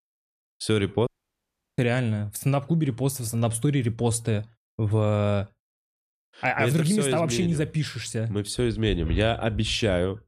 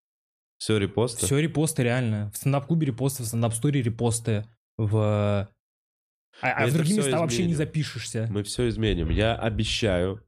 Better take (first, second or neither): second